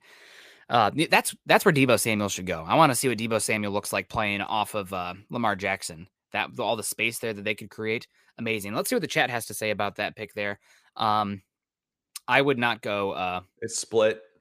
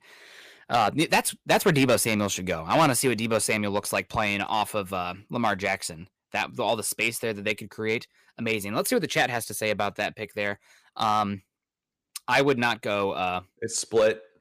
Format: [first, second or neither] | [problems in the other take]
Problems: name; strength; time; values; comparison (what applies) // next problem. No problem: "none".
first | distortion; slight; 2% of the sound clipped